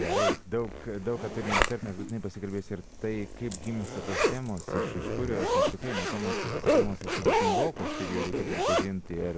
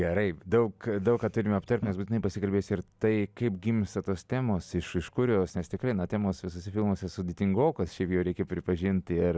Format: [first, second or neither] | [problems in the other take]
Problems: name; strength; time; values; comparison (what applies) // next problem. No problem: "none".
second | background sound (Zipper (clothing)); 4 dB above the speech